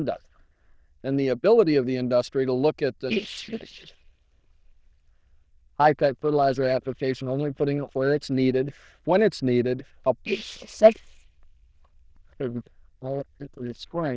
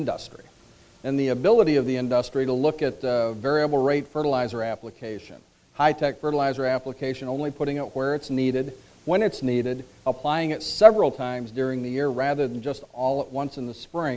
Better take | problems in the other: second | noise reduction (neural diffusion model UNIVERSE++)

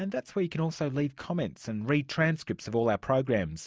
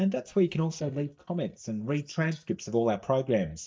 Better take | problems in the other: first | noise reduction (neural mask model DeepFilterNet 3)

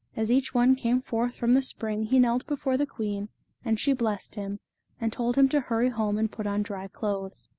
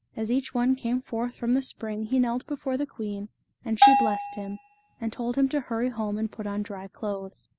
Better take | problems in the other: first | background sound (Bell); 4 dB above the speech

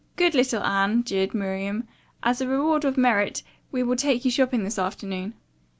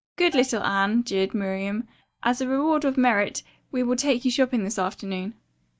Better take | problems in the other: first | noise reduction (neural mask model DeepFilterNet 3)

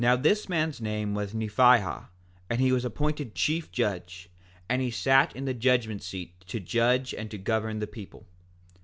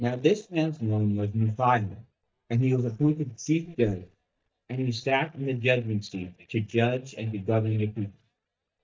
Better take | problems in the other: first | noise reduction (neural mask model DeepFilterNet 3)

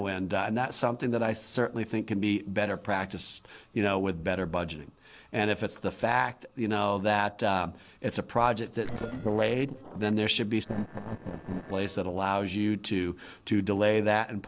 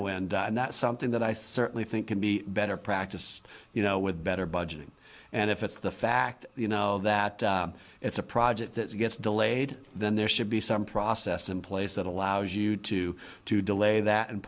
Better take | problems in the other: second | noise reduction (neural separator model SepFormer DNS4)

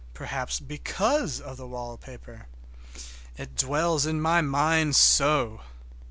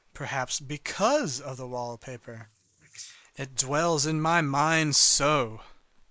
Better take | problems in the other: first | noise reduction (neural mask model Resemble Enhance denoiser)

